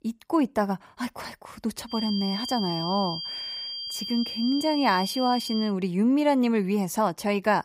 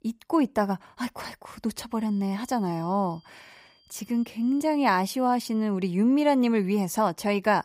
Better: second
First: high-pitched whine; loud; from 2 to 5.5 s; 4.5 kHz, 6 dB below the speech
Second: high-pitched whine; faint; from 2 to 5.5 s; 4.5 kHz, 35 dB below the speech

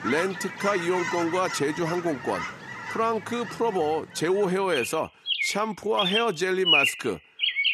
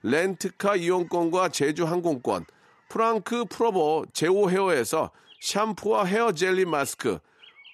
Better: second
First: animal sounds; loud; throughout; 1 dB below the speech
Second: animal sounds; faint; throughout; 30 dB below the speech

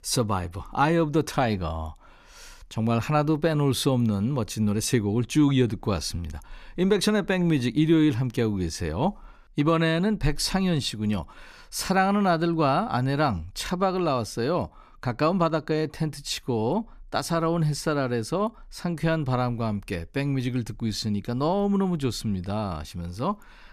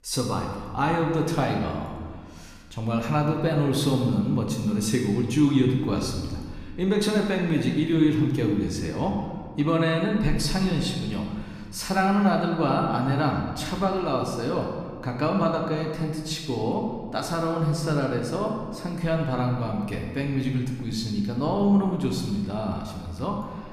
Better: first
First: none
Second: room echo; noticeable; dies away in 1.4 s // off-mic speech; somewhat distant

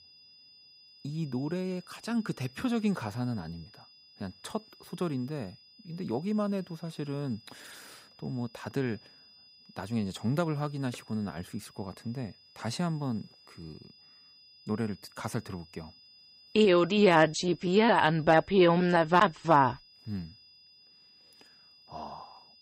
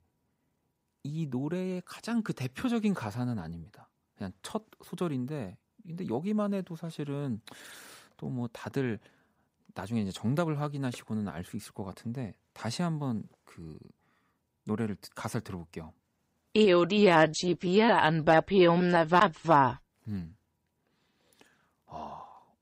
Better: second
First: high-pitched whine; faint; throughout; 5 kHz, 25 dB below the speech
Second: none

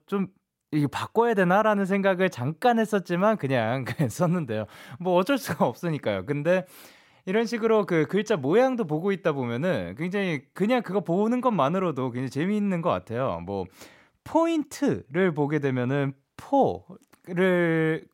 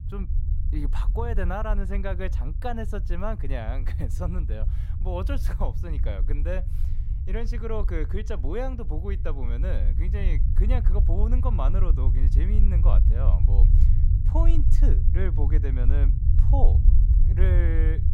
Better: first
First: none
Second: low rumble; loud; throughout; 8 dB below the speech

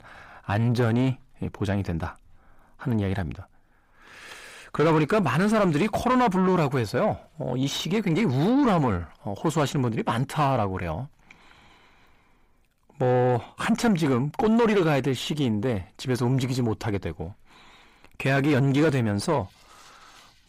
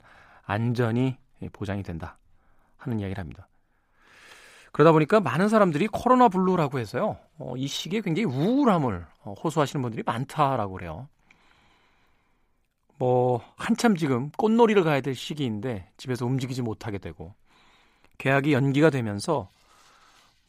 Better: second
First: distortion; heavy; 7 dB below the speech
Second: none

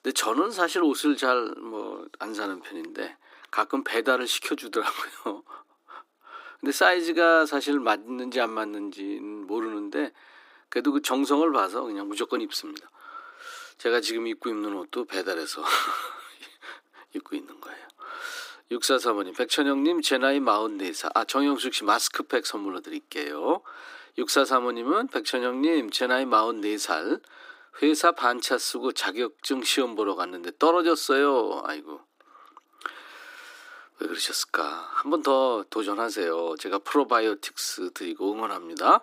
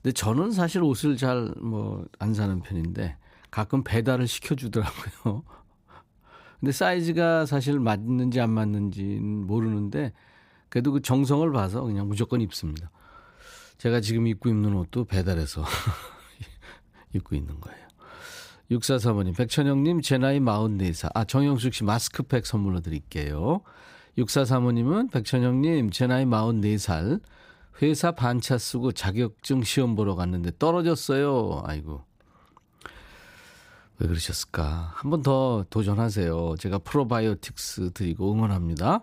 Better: second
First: thin; somewhat; fading below 300 Hz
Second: none

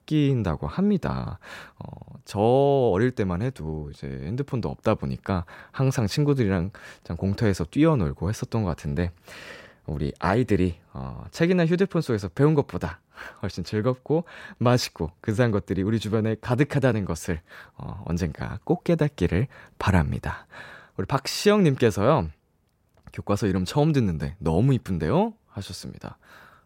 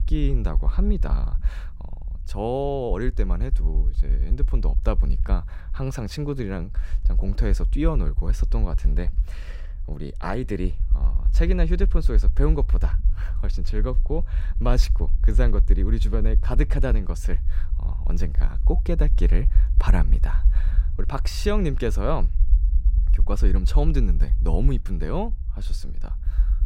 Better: first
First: none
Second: low rumble; noticeable; throughout; 15 dB below the speech

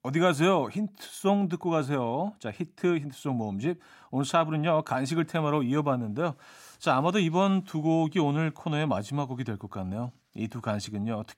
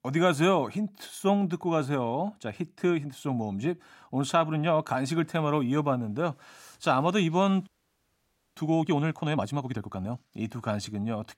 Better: first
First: none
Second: audio freezing; at 7.5 s for 1 s

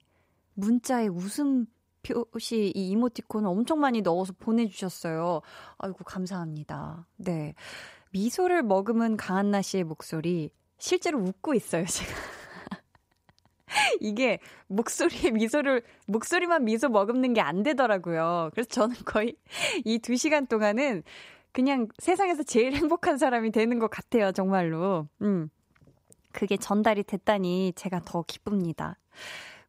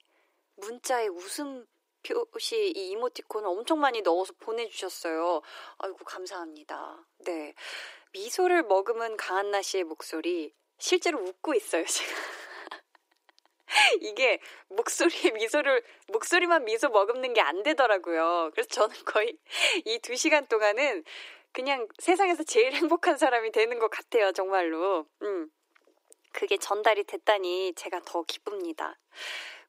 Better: first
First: none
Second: thin; very; fading below 300 Hz

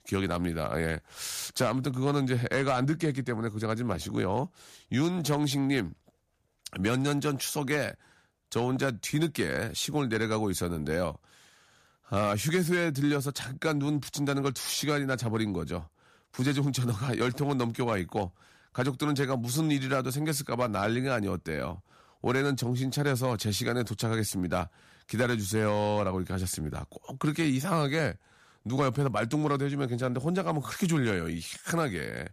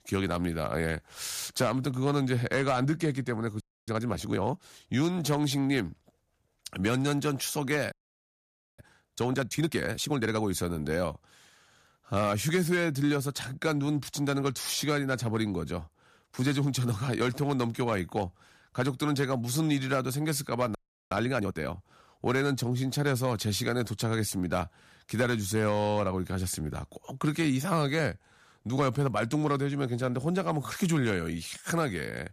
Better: first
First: none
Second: audio freezing; at 3.5 s, at 8 s for 1 s and at 21 s

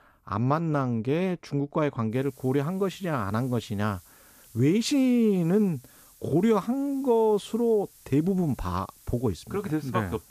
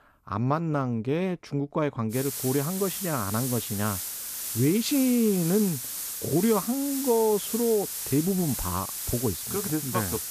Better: first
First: hiss; faint; from 2 s on; 25 dB below the speech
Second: hiss; loud; from 2 s on; 4 dB below the speech

